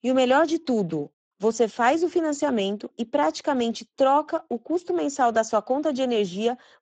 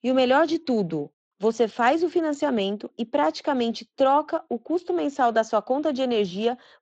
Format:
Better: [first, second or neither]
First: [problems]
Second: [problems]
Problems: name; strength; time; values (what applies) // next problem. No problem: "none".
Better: second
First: garbled, watery; badly; nothing above 7.5 kHz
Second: garbled, watery; slightly; nothing above 7.5 kHz